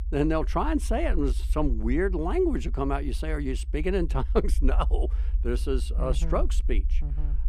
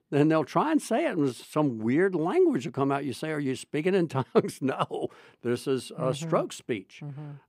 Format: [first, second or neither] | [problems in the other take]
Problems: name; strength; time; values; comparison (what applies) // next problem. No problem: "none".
second | low rumble; faint; throughout; 20 dB below the speech